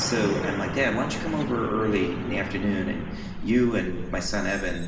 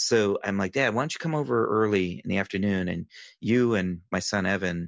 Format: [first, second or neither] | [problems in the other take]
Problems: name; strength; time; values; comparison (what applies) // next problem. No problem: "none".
second | background sound (Truck); 5 dB below the speech // room echo; dies away in 2.6 s